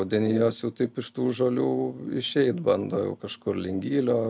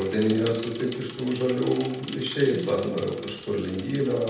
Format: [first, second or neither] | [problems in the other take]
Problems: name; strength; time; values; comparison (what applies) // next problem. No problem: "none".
first | background sound (Bicycle); 17 dB below the speech // room echo; dies away in 0.8 s